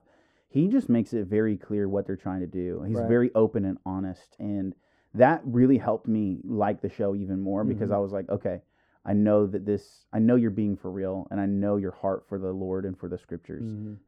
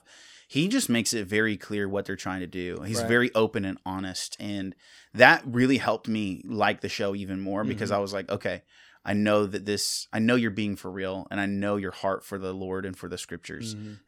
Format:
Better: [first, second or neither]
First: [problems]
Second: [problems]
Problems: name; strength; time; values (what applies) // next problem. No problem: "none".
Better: second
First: muffled; very; fading above 1.5 kHz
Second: none